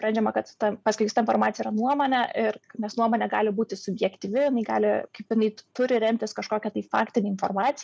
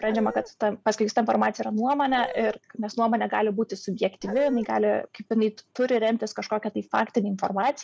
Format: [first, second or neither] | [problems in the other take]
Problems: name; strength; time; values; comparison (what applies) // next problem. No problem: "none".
first | background sound (Dog); 12 dB below the speech